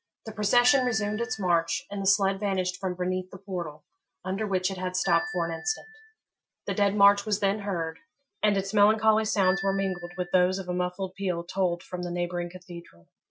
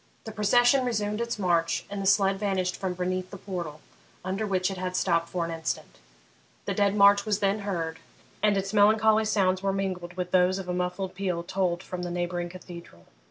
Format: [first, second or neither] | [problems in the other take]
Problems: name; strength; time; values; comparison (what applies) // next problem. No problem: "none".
second | noise reduction (classical method Wiener filter)